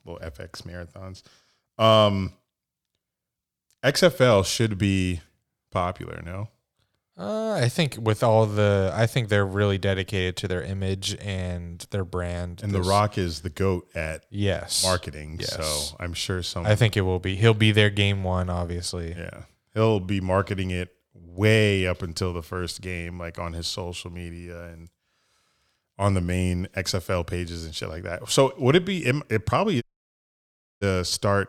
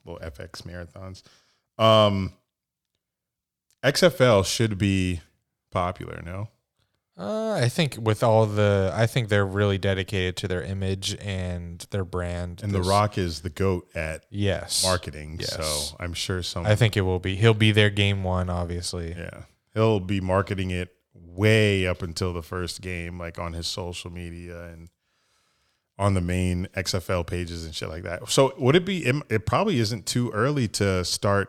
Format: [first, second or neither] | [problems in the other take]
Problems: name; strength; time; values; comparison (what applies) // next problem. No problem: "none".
second | audio cutting out; at 30 s for 1 s